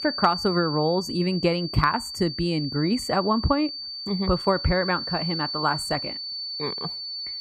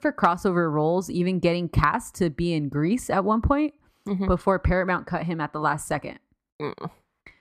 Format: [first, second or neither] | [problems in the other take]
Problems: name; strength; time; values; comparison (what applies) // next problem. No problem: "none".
second | high-pitched whine; loud; throughout; 4.5 kHz, 6 dB below the speech